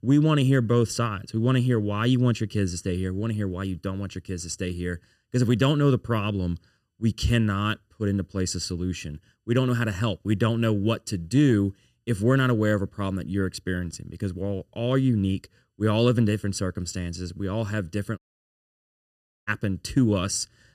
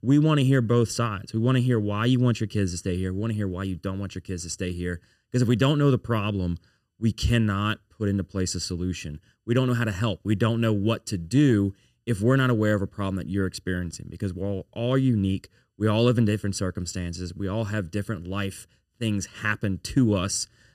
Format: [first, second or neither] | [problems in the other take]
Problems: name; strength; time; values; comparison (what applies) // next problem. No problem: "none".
second | audio cutting out; at 18 s for 1.5 s